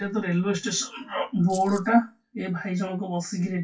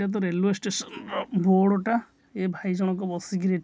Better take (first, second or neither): second